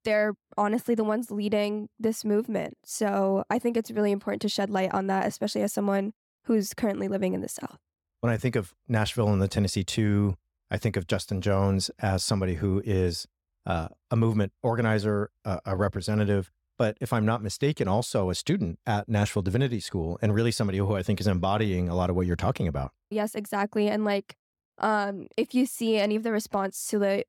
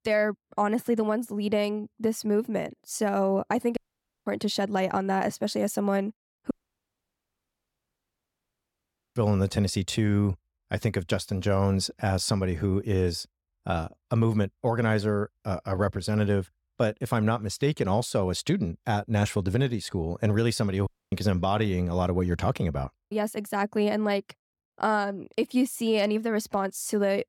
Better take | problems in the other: first | audio cutting out; at 4 s, at 6.5 s for 2.5 s and at 21 s

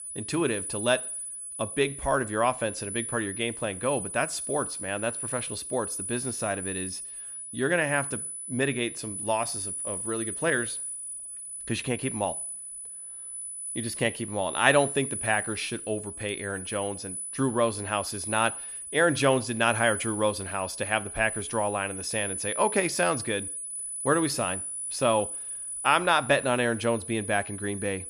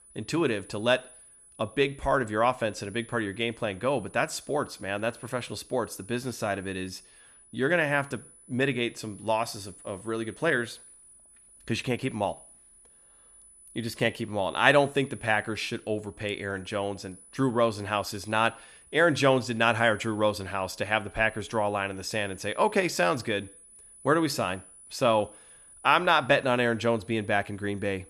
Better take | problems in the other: second | high-pitched whine; loud; throughout; 10 kHz, 5 dB below the speech; faint in the second

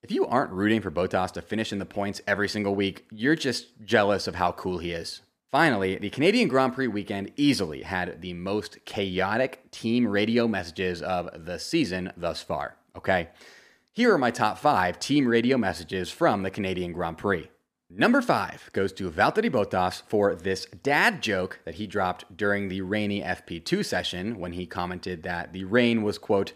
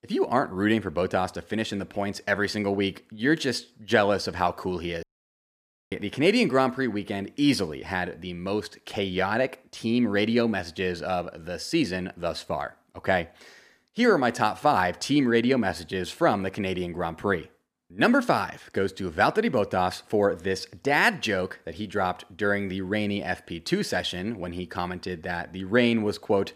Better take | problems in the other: first | audio cutting out; at 5 s for 1 s

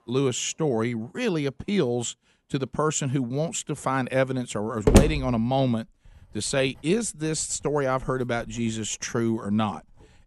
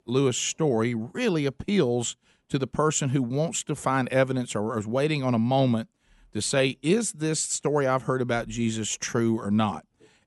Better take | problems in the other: second | household noises; very loud; throughout; 5 dB above the speech

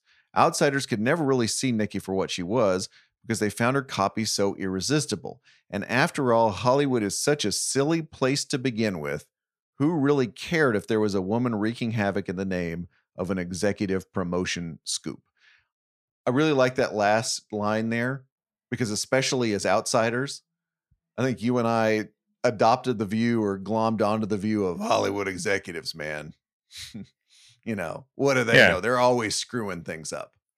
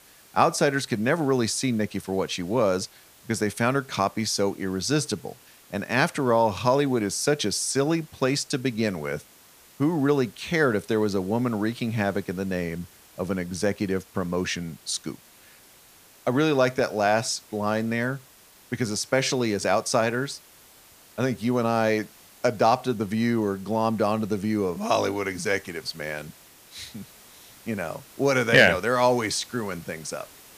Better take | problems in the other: first | hiss; faint; throughout; 25 dB below the speech

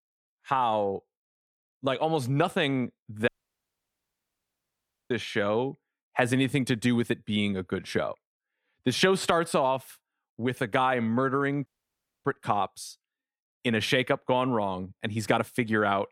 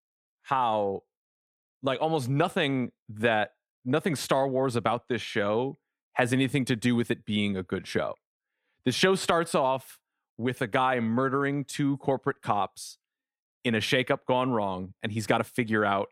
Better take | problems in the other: second | audio cutting out; at 3.5 s for 2 s and at 12 s for 0.5 s

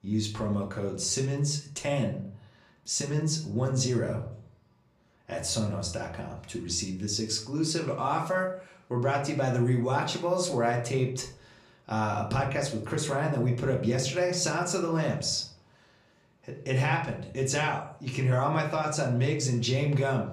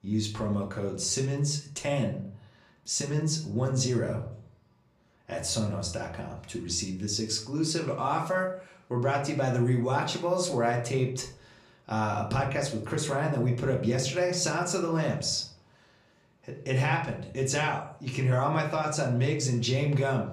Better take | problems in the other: neither | room echo; slight; dies away in 0.4 s; the same in both // off-mic speech; somewhat distant; the same in both

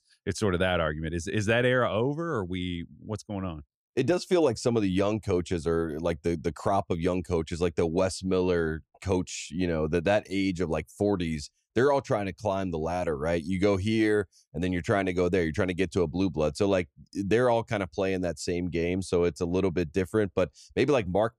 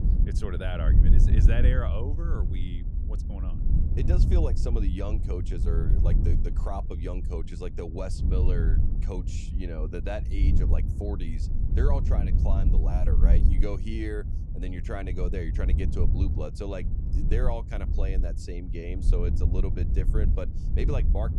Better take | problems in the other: first | wind noise on the microphone; heavy; 5 dB below the speech

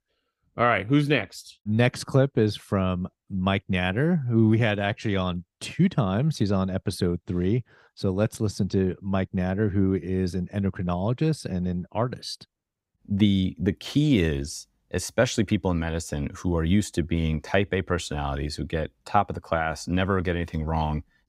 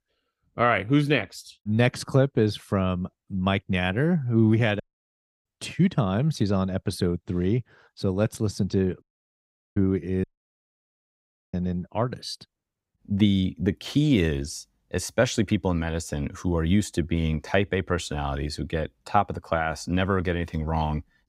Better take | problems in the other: first | audio cutting out; at 5 s for 0.5 s, at 9 s for 0.5 s and at 10 s for 1.5 s

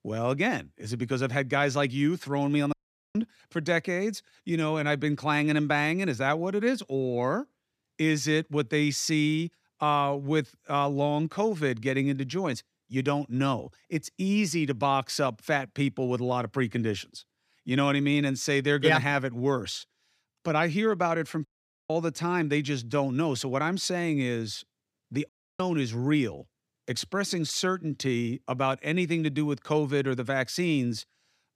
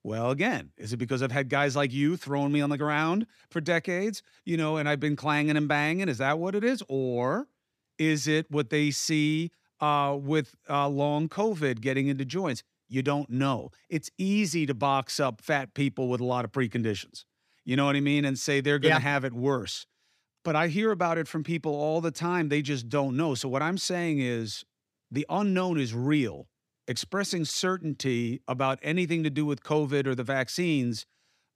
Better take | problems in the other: second | audio cutting out; at 2.5 s, at 21 s and at 25 s

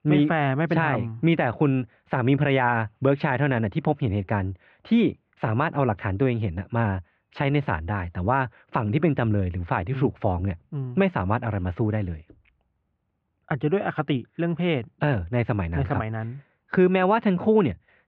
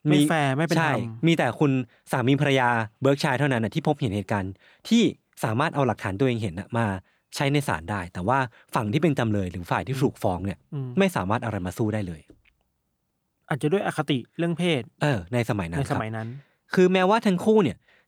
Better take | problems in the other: second | muffled; very; fading above 2.5 kHz

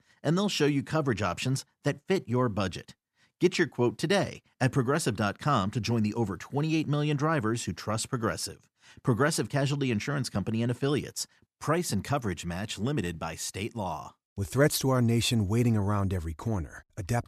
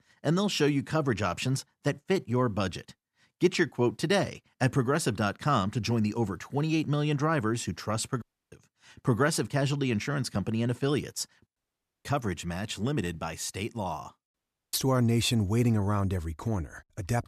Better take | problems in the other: first | audio cutting out; at 8 s, at 12 s and at 14 s

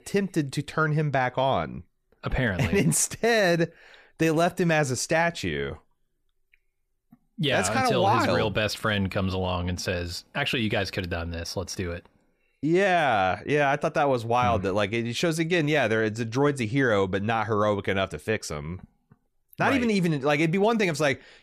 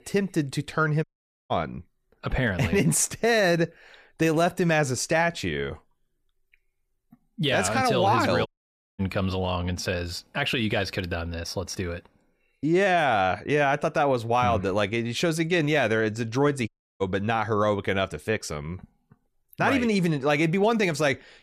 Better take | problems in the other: first | audio cutting out; at 1 s, at 8.5 s for 0.5 s and at 17 s

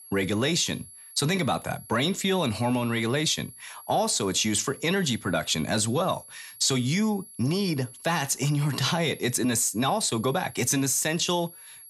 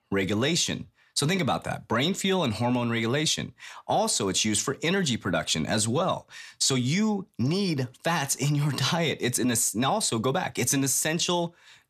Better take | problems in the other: second | high-pitched whine; noticeable; throughout; 11 kHz, 20 dB below the speech

